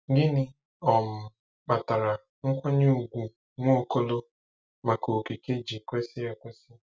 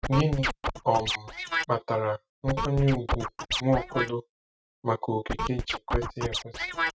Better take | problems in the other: first | noise reduction (neural mask model RNNoise)

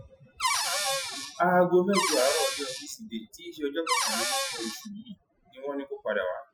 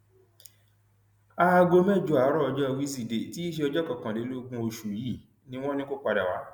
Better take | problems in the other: second | noise reduction (classical method Wiener filter)

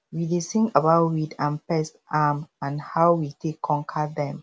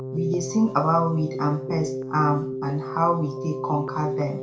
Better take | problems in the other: first | background sound (Keyboard (musical)); 6 dB below the speech // room echo; dies away in 0.3 s

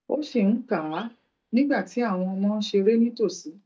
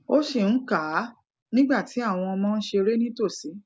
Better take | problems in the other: second | noise reduction (neural mask model DeepFilterNet 3)

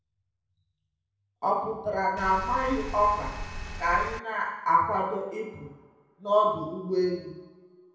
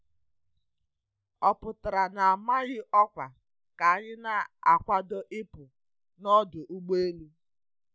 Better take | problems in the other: second | background sound (Engine); 8 dB below the speech // room echo; dies away in 0.9 s

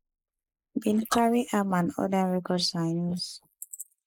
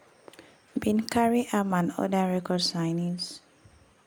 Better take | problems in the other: second | noise reduction (neural mask model Resemble Enhance denoiser)

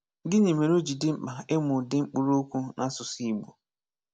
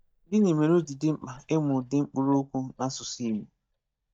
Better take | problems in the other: first | noise reduction (neural mask model DeepFilterNet 3)

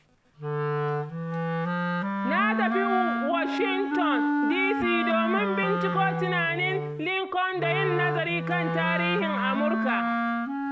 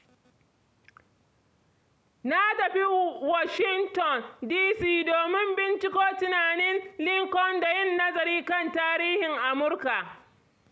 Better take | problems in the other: second | background sound (Wind instrument, woodwind instrument); 1 dB above the speech

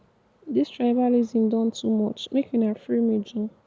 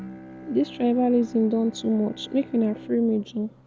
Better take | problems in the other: first | background sound (Bowed string instrument); 18 dB below the speech

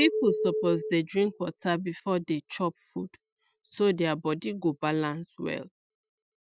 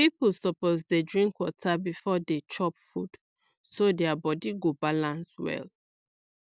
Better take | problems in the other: second | noise reduction (classical method Wiener filter)

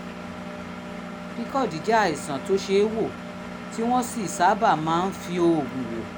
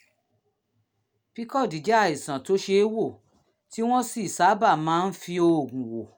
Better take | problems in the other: second | background sound (Engine); 10 dB below the speech

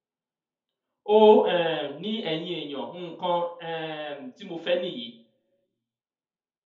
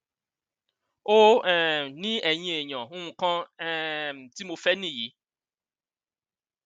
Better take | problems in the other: second | room echo; dies away in 0.5 s

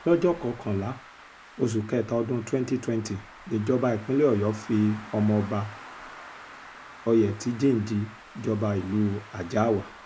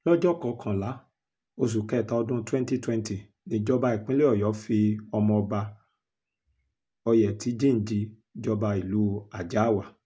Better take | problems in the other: second | background sound (Traffic noise, roadway noise); 19 dB below the speech

